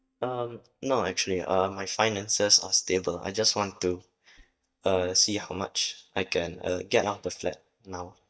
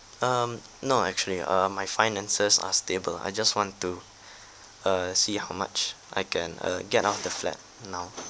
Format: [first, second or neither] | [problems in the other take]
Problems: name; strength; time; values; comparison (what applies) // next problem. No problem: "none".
second | noise reduction (neural mask model DeepFilterNet 3)